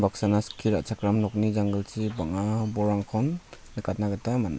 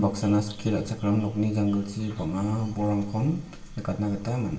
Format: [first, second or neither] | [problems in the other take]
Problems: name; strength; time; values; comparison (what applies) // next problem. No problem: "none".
first | room echo; dies away in 0.8 s